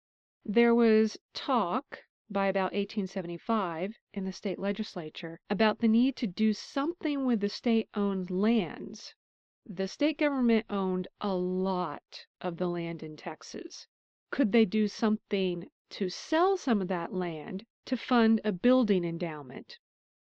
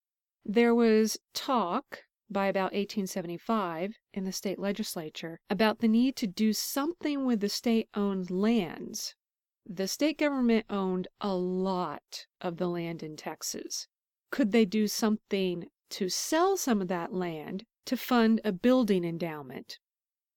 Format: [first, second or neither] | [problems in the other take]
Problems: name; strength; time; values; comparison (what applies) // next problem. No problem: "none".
second | muffled; slightly; fading above 4.5 kHz